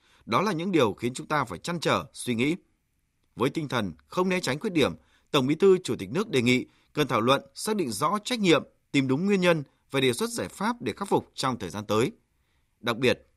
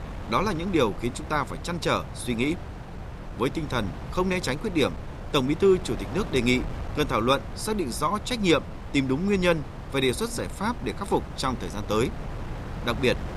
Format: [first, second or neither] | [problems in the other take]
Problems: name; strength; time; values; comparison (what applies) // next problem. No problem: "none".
first | wind noise on the microphone; occasional gusts; 15 dB below the speech